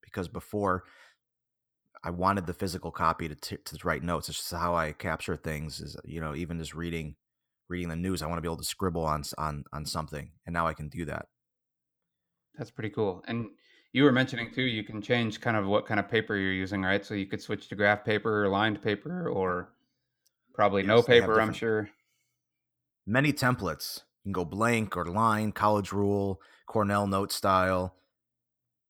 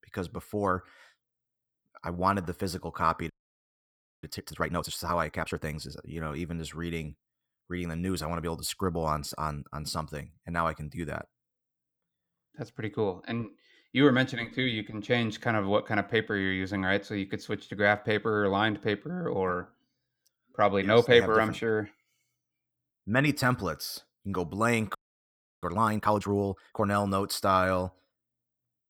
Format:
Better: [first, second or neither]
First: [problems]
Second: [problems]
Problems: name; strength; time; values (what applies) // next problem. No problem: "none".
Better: first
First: none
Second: audio freezing; at 3.5 s for 1 s and at 25 s for 0.5 s